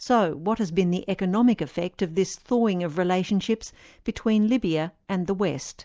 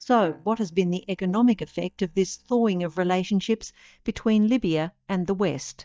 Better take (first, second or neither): first